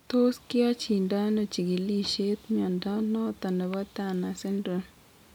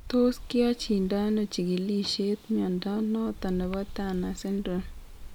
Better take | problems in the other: first | background sound (Dog); 15 dB below the speech

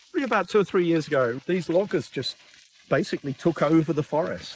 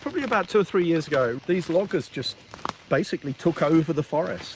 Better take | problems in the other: second | noise reduction (neural mask model Resemble Enhance denoiser)

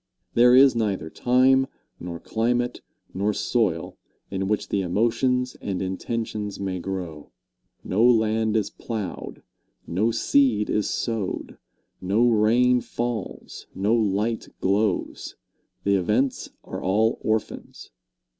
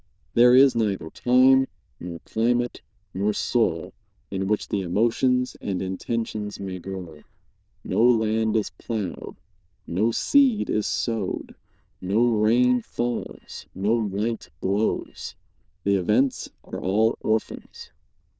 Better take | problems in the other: first | noise reduction (neural diffusion model UNIVERSE++)

